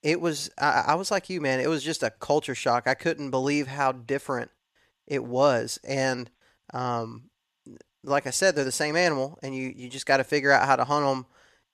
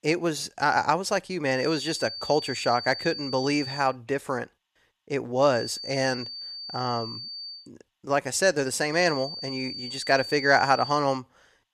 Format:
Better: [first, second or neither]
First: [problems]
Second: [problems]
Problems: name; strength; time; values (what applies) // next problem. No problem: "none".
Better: first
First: none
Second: high-pitched whine; loud; from 1.5 to 4 s, from 5.5 to 7.5 s and from 9 to 11 s; 4.5 kHz, 9 dB below the speech